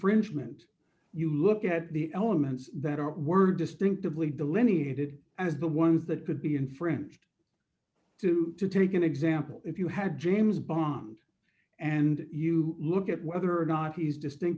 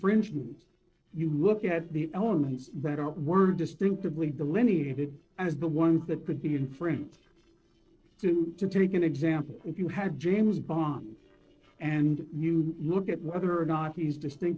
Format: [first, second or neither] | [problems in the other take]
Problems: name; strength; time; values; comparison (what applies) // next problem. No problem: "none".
first | noise reduction (neural separator model SepFormer DNS4)